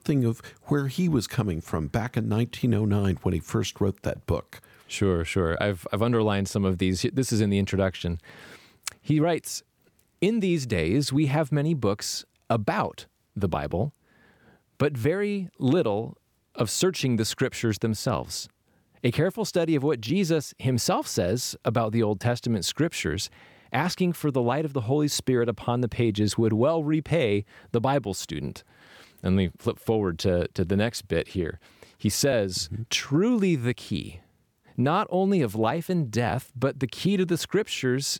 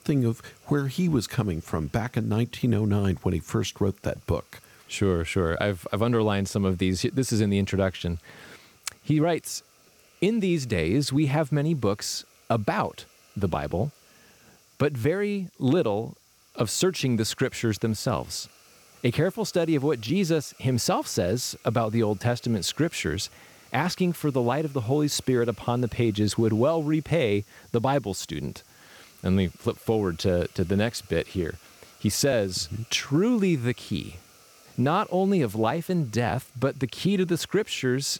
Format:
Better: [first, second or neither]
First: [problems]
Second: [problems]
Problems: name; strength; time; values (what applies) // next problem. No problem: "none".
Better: first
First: none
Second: hiss; faint; throughout; 30 dB below the speech